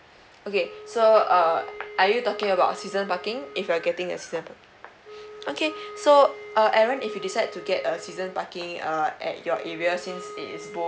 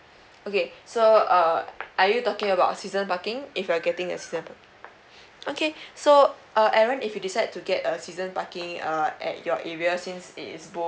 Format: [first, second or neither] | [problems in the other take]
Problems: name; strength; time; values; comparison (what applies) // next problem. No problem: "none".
second | background sound (Wind instrument, woodwind instrument); 17 dB below the speech